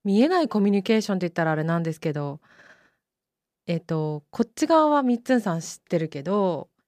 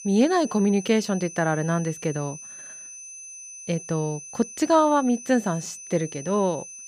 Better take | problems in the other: first | high-pitched whine; noticeable; throughout; 6 kHz, 15 dB below the speech

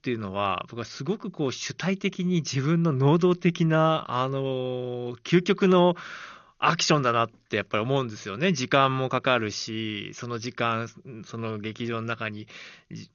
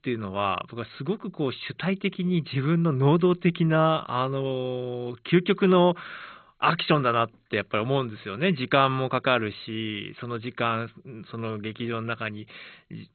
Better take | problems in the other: first | garbled, watery; badly; nothing above 4 kHz; slightly in the first

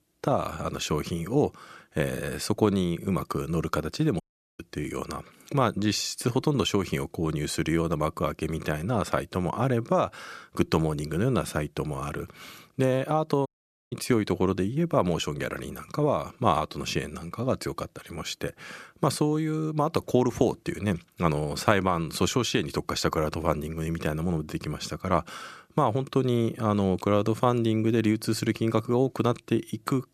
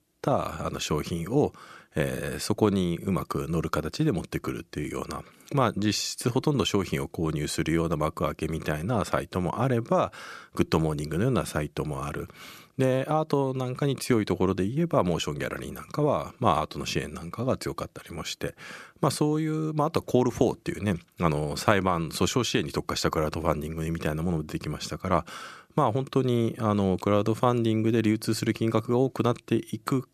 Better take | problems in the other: second | audio cutting out; at 4 s and at 13 s

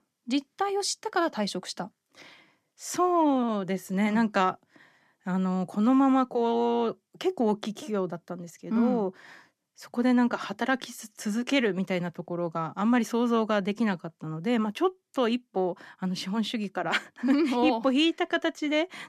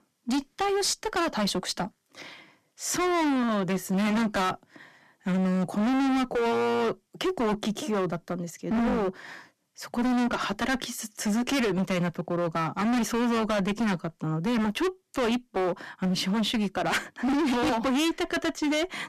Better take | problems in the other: first | distortion; heavy; 27% of the sound clipped

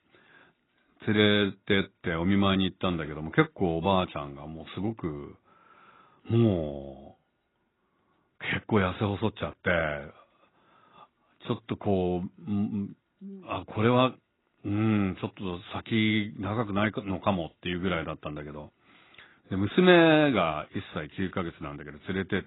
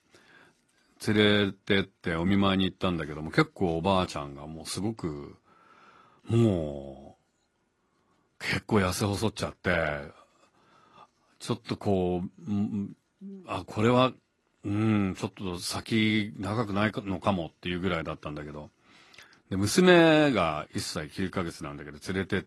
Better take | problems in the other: second | garbled, watery; badly; nothing above 4 kHz; slightly in the second

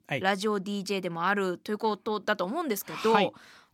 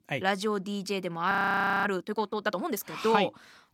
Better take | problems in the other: first | audio freezing; at 1.5 s for 0.5 s

